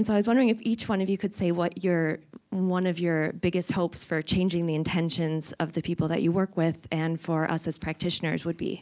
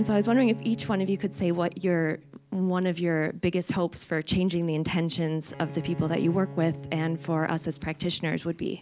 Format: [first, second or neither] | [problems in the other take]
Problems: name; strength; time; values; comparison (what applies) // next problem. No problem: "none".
first | background sound (Bowed string instrument); 16 dB below the speech